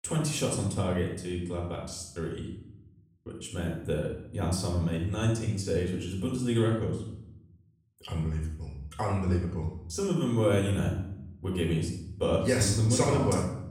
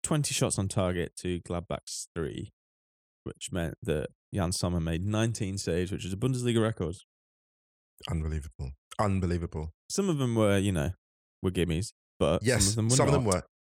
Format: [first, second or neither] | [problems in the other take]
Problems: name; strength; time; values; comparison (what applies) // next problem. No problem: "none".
second | off-mic speech; far // room echo; noticeable; dies away in 0.7 s